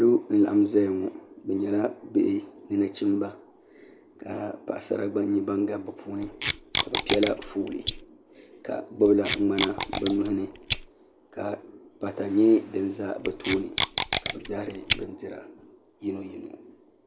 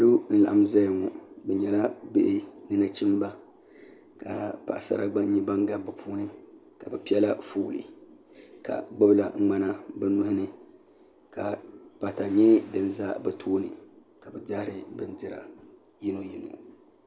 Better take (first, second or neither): second